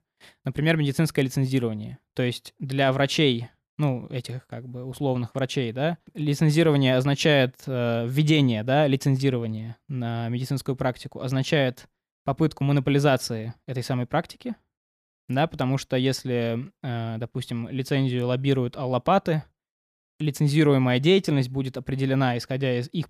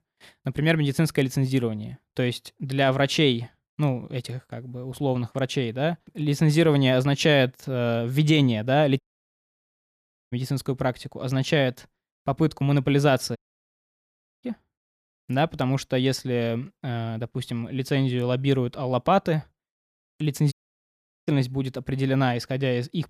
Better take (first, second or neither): first